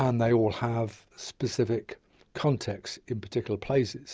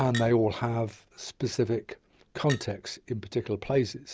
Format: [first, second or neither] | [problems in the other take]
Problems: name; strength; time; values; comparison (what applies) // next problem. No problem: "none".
first | background sound (Chink, clink); 18 dB below the speech